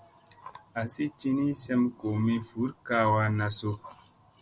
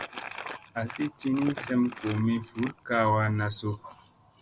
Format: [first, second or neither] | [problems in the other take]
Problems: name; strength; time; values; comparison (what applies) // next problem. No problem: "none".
first | background sound (Crumpling, crinkling); 14 dB below the speech